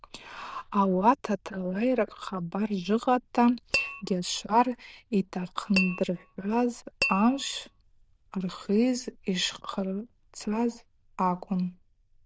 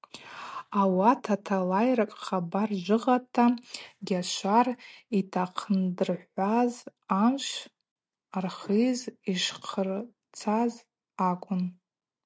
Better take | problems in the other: second | noise reduction (neural diffusion model UNIVERSE++)

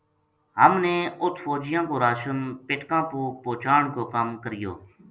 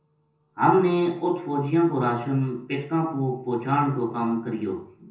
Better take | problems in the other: first | room echo; dies away in 0.6 s

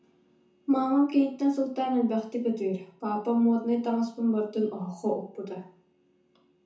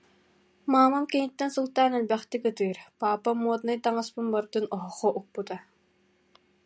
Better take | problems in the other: second | room echo; dies away in 0.7 s

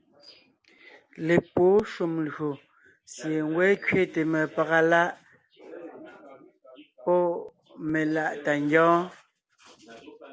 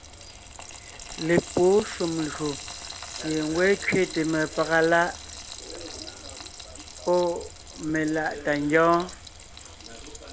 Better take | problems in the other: first | background sound (Frying (food)); 13 dB below the speech

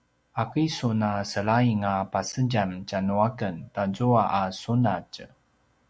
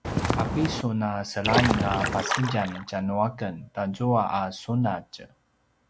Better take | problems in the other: first | background sound (Walk, footsteps + Splash, splatter); as loud as the speech

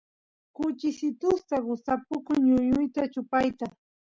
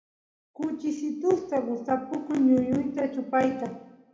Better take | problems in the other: first | room echo; dies away in 0.8 s

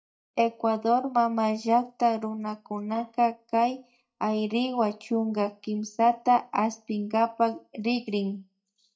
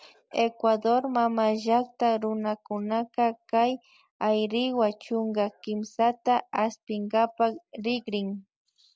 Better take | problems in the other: second | noise reduction (neural mask model DeepFilterNet 3)

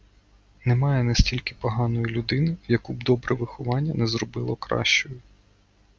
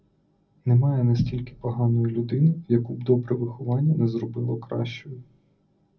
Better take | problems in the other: first | room echo; dies away in 0.4 s

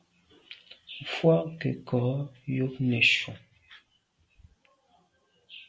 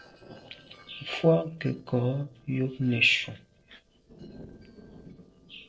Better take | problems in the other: first | noise reduction (neural separator model SepFormer DNS4)

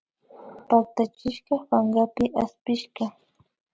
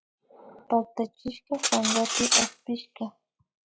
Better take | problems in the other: first | noise reduction (classical method log-MMSE)

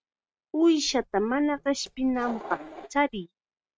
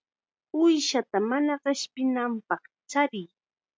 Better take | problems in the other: second | noise reduction (neural mask model RNNoise)

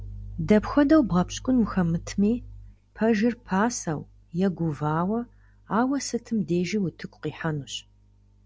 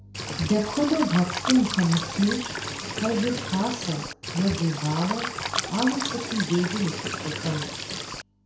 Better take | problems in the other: first | background sound (Cricket / Water); 5 dB below the speech // room echo; dies away in 0.6 s

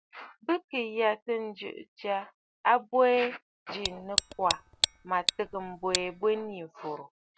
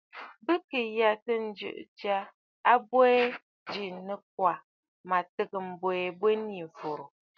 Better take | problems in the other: second | background sound (Tick); 3 dB below the speech

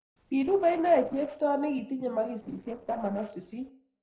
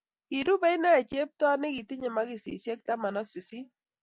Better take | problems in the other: second | noise reduction (neural separator model SepFormer DNS4)

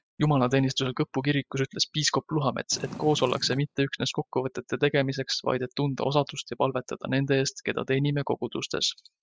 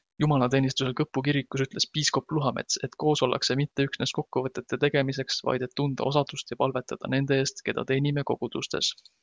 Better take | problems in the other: second | noise reduction (classical method spectral subtraction)

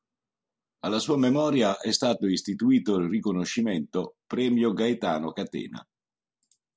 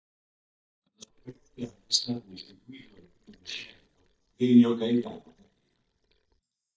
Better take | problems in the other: first | noise reduction (neural mask model DeepFilterNet 3)

